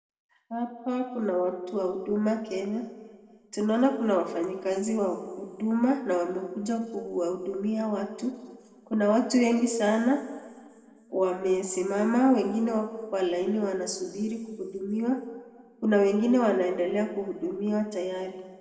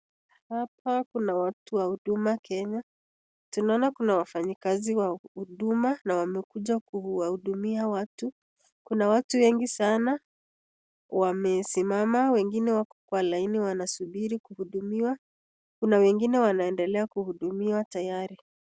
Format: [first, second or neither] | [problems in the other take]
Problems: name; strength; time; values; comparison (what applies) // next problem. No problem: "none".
second | room echo; dies away in 1.6 s